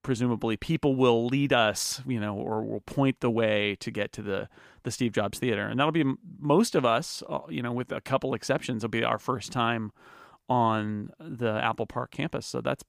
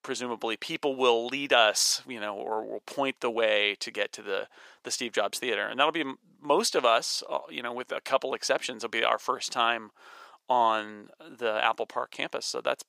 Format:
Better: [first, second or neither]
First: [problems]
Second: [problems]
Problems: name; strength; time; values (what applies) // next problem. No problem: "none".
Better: first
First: none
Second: thin; somewhat; fading below 550 Hz